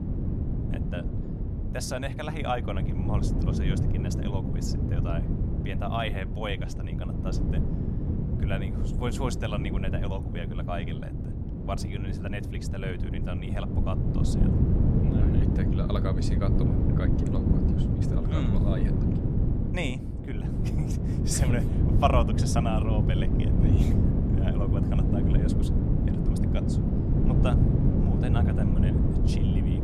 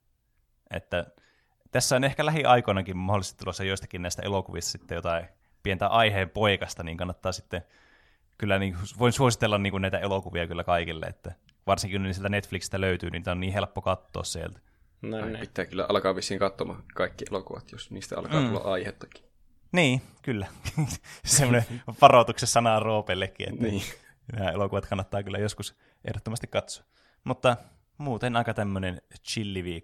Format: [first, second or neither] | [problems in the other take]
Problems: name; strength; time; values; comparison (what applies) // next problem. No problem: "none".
second | wind noise on the microphone; heavy; 1 dB below the speech